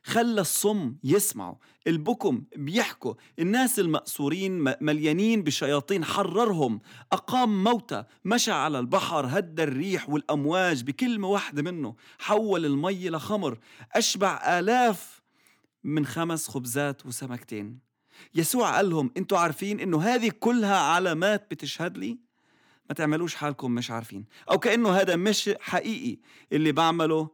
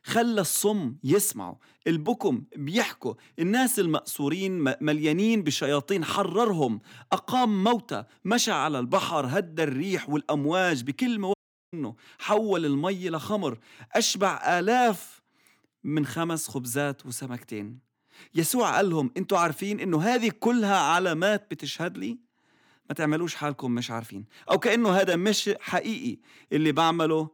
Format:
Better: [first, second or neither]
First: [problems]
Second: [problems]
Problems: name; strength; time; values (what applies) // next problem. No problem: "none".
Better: first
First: none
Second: audio cutting out; at 11 s